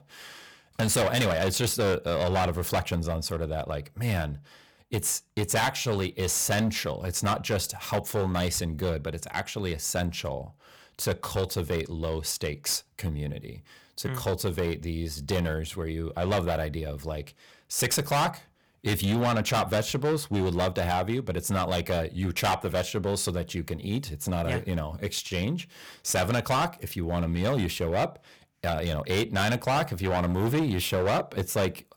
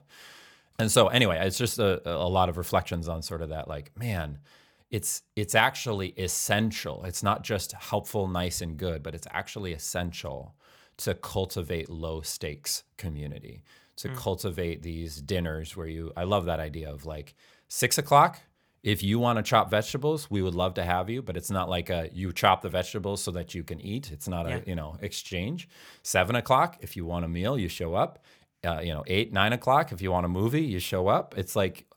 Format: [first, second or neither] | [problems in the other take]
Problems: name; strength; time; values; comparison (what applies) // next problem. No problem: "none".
second | distortion; heavy; 11% of the sound clipped